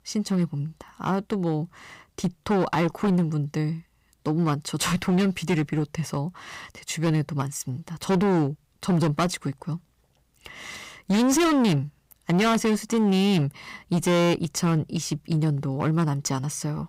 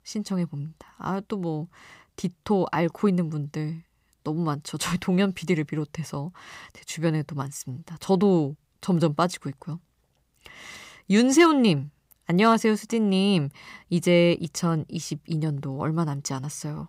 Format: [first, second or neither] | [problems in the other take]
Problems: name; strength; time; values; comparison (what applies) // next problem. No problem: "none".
second | distortion; heavy; 12% of the sound clipped